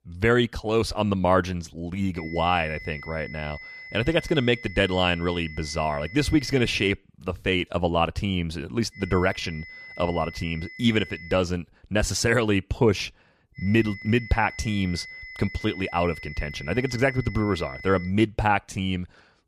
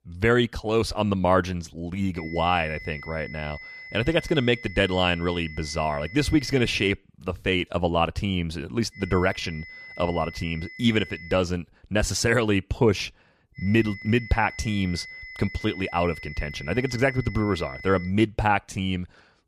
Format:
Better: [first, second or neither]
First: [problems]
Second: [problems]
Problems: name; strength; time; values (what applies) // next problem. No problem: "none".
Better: neither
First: high-pitched whine; noticeable; from 2 to 7 s, from 9 to 11 s and from 14 to 18 s; 2 kHz, 15 dB below the speech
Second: high-pitched whine; noticeable; from 2 to 7 s, from 9 to 11 s and from 14 to 18 s; 2 kHz, 15 dB below the speech